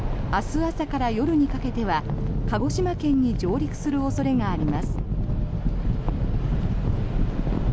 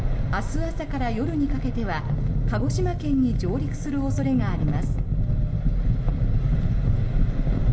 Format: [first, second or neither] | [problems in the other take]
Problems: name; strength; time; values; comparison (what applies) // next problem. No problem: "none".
first | room echo; dies away in 1 s